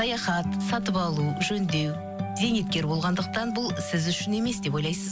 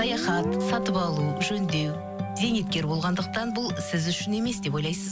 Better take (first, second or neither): first